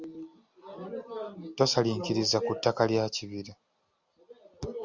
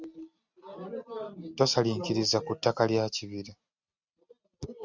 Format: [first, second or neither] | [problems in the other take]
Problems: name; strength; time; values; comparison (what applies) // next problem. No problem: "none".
first | noise reduction (neural mask model RNNoise)